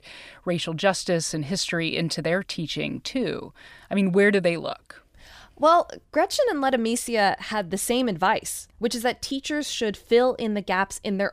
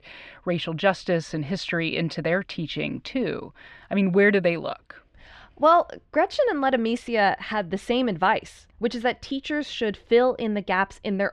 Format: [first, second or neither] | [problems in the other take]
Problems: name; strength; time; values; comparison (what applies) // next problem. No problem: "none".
first | muffled; slightly; fading above 2.5 kHz